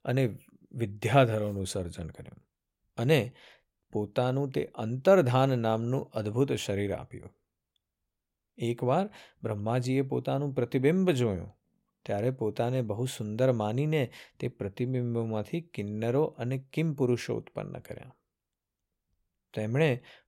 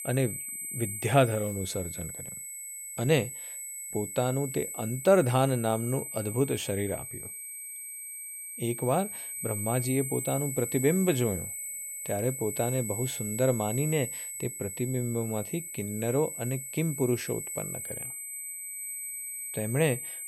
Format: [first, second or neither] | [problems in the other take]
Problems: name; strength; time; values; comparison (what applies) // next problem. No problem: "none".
first | high-pitched whine; loud; throughout; 8 kHz, 6 dB below the speech